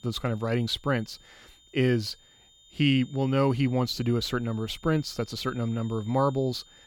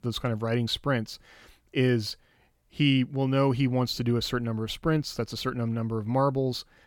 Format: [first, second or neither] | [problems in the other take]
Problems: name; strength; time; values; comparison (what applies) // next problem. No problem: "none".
second | high-pitched whine; faint; throughout; 3.5 kHz, 25 dB below the speech